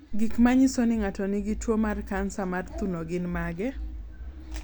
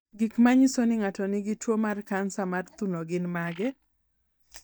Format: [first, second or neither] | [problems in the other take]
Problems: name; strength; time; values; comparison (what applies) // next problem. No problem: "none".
first | noise reduction (neural mask model DeepFilterNet 3)